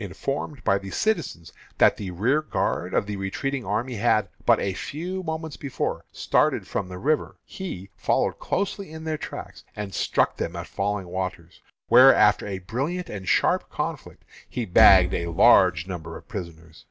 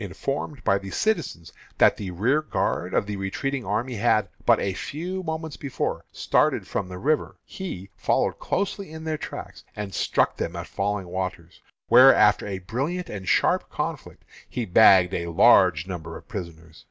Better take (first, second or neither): second